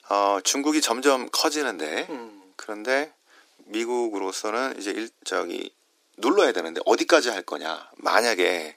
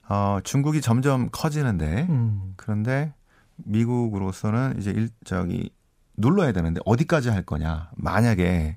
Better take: second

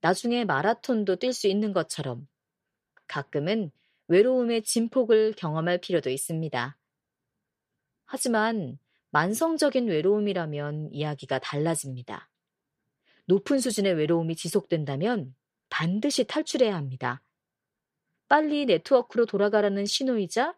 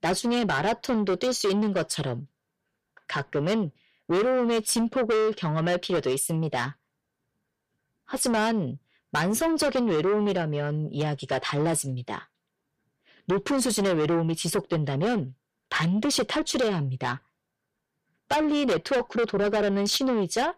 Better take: first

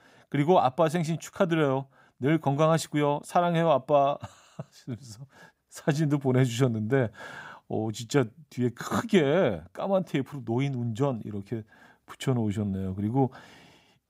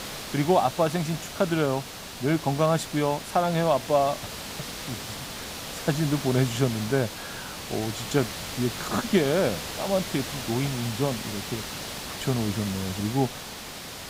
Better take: first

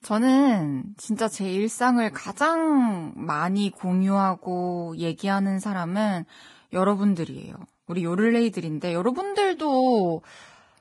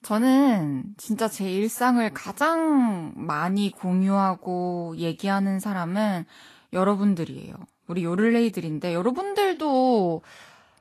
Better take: second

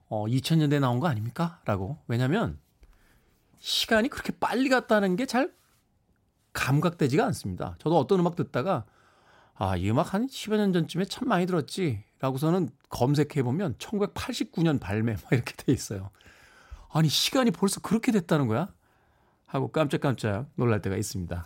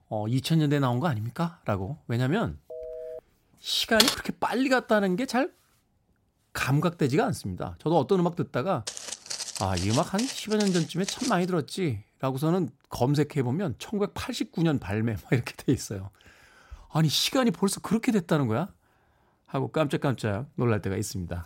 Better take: first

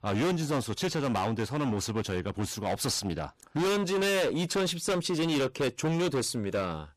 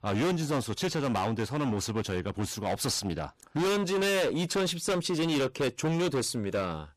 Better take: neither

